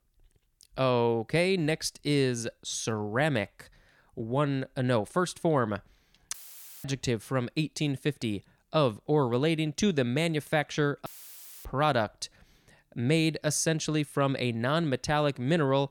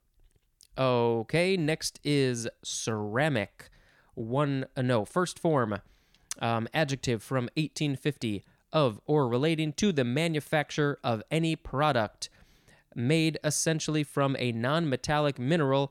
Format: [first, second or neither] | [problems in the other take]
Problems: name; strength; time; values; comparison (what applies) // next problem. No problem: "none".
second | audio cutting out; filled with static; at 6.5 s for 0.5 s and at 11 s for 0.5 s